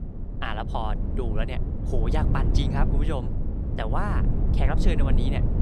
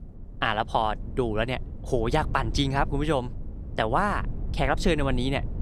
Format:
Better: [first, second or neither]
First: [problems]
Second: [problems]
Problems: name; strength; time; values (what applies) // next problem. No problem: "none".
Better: second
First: low rumble; loud; throughout; 5 dB below the speech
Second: low rumble; faint; throughout; 20 dB below the speech